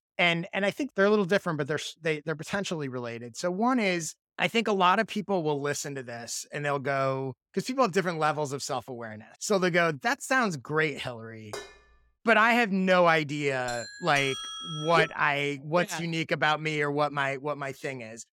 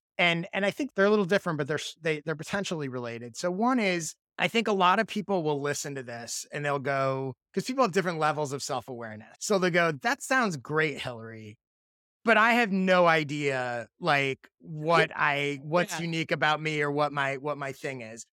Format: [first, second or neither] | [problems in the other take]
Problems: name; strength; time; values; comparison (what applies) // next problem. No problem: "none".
second | clattering dishes; faint; at 12 s; peak 15 dB below the speech // doorbell; noticeable; from 14 to 15 s; peak 7 dB below the speech